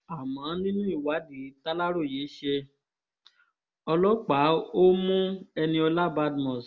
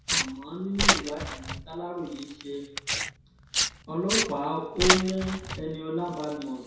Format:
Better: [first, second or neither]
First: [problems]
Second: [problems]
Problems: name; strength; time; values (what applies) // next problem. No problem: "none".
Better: first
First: none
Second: background sound (Tearing); 2 dB above the speech // room echo; dies away in 0.7 s